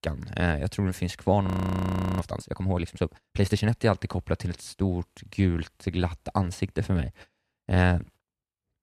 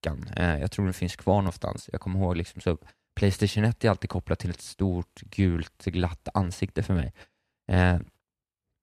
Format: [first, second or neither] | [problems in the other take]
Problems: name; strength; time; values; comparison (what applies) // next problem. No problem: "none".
second | audio freezing; at 1.5 s for 0.5 s